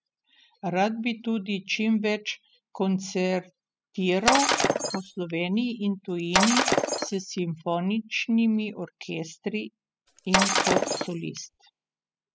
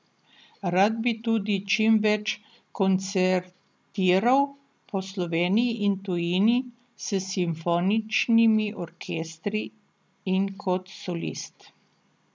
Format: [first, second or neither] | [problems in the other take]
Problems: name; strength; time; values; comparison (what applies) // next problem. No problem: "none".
second | noise reduction (classical method spectral subtraction)